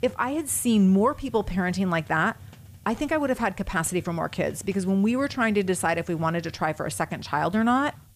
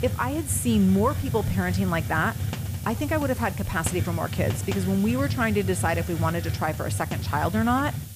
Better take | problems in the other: first | hiss; loud; throughout; 4 dB below the speech; faint in the first

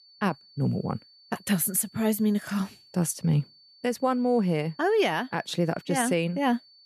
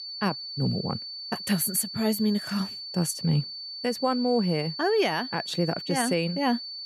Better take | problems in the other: first | high-pitched whine; loud; throughout; 4.5 kHz, 7 dB below the speech; faint in the first

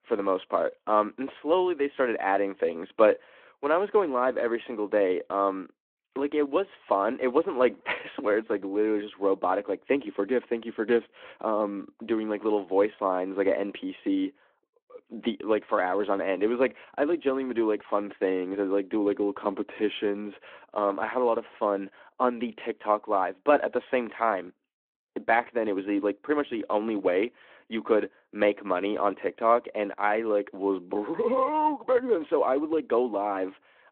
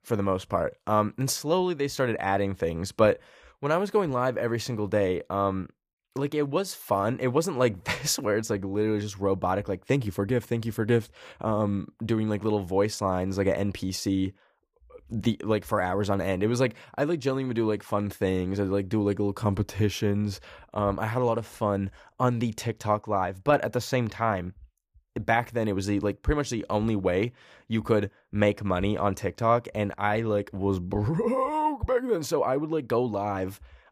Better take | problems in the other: second | phone-call audio

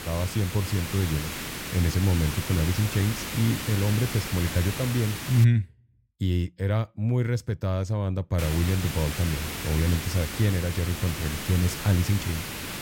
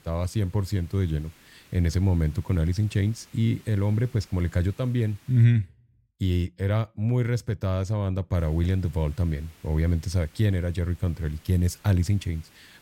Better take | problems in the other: second | hiss; loud; until 5.5 s and from 8.5 s on; 6 dB below the speech; faint in the second

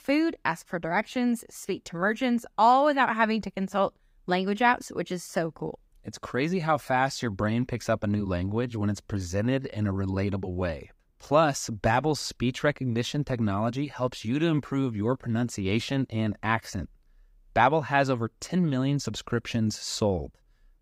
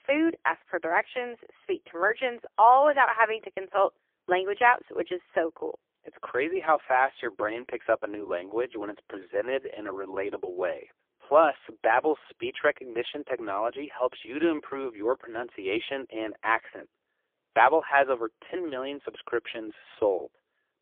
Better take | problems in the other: first | phone-call audio; poor line; nothing above 3.5 kHz

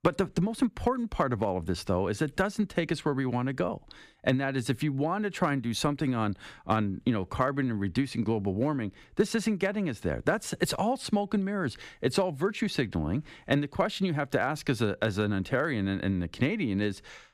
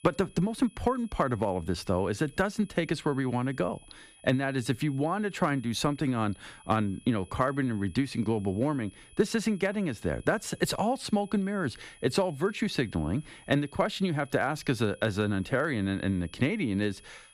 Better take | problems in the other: first | high-pitched whine; faint; throughout; 10 kHz, 25 dB below the speech

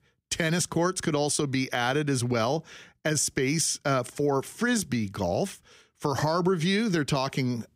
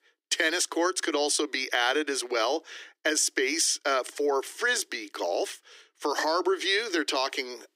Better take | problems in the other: first | thin; very; fading below 300 Hz

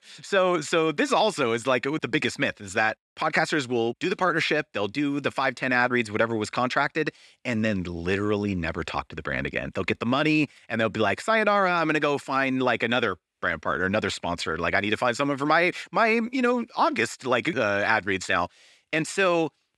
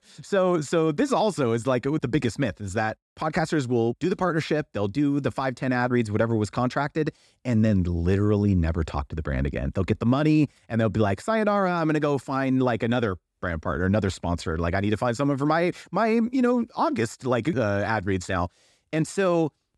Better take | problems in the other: second | thin; very slightly; fading below 350 Hz

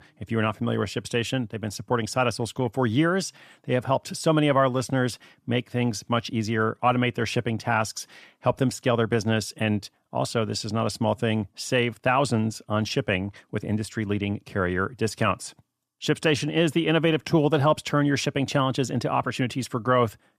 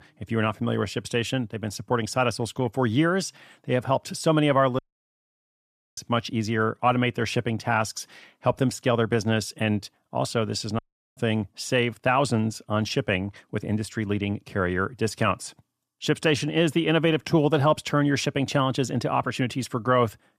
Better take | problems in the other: first | audio cutting out; at 5 s for 1 s and at 11 s

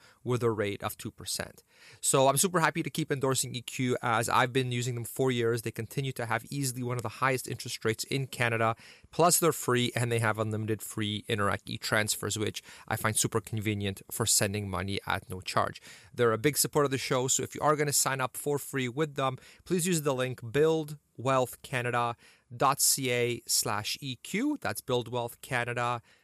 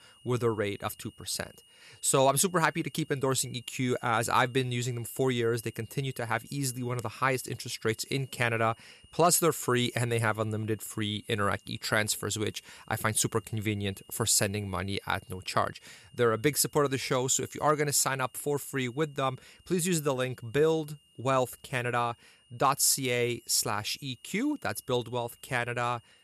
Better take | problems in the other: first | high-pitched whine; faint; throughout; 3 kHz, 30 dB below the speech

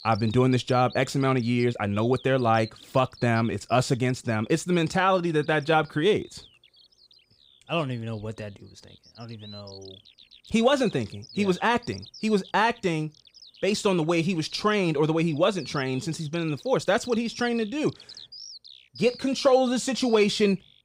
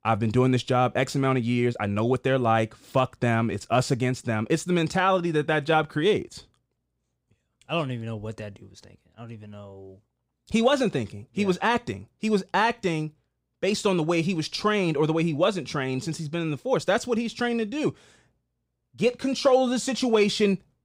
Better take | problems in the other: second | animal sounds; faint; throughout; 20 dB below the speech

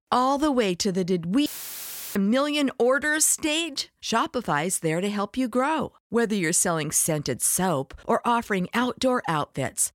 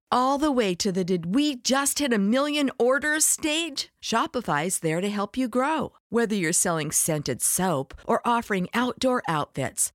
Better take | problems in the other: second | audio cutting out; filled with static; at 1.5 s for 0.5 s

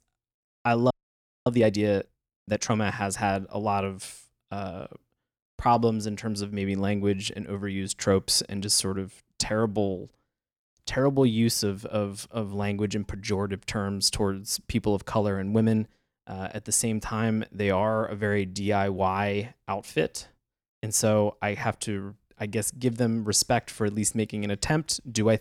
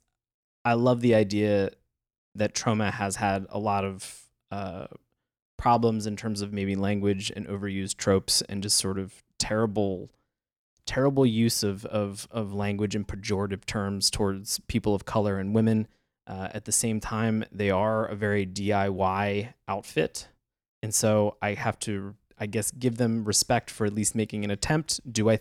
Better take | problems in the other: second | audio freezing; at 1 s for 0.5 s

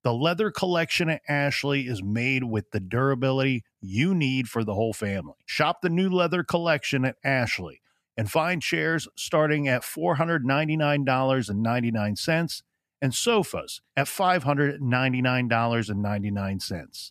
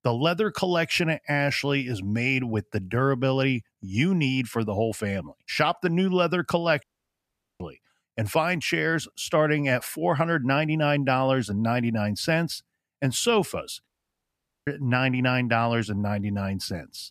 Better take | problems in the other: first | audio cutting out; at 7 s for 1 s and at 14 s for 1 s

